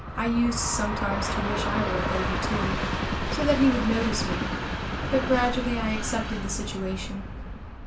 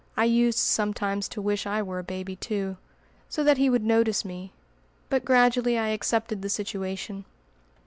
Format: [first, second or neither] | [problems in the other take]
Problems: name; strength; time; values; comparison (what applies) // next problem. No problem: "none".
second | background sound (Train); 1 dB below the speech // room echo; dies away in 0.3 s